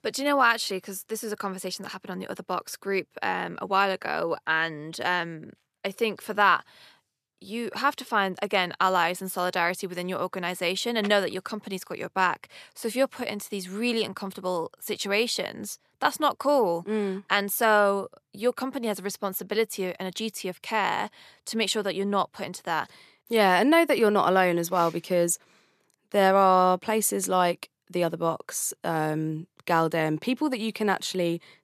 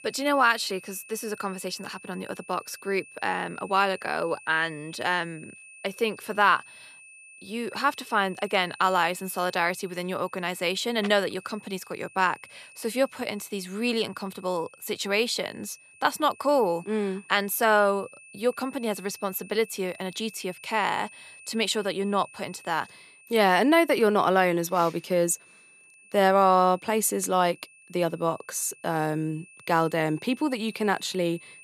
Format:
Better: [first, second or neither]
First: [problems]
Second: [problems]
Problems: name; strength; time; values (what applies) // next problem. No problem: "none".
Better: first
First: none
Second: high-pitched whine; faint; throughout; 2.5 kHz, 20 dB below the speech